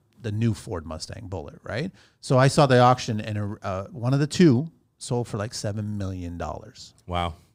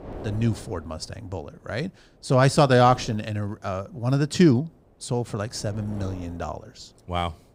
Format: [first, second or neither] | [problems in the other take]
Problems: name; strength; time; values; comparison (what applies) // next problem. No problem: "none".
first | wind noise on the microphone; occasional gusts; 20 dB below the speech